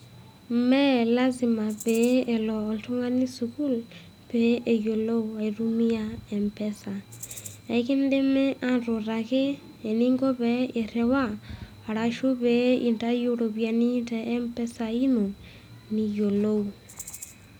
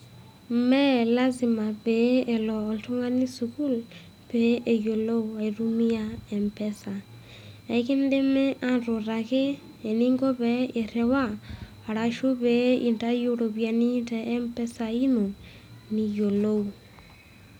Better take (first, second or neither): second